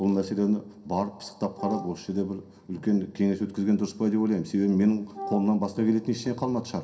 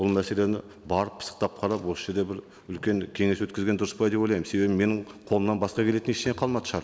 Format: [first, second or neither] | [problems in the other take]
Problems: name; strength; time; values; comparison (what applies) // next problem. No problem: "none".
second | background sound (Wind instrument, woodwind instrument); 11 dB below the speech // room echo; dies away in 0.3 s